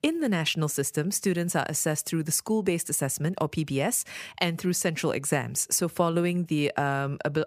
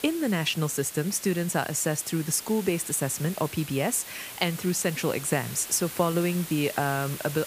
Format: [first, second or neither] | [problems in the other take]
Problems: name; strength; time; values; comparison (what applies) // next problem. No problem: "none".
first | hiss; noticeable; throughout; 10 dB below the speech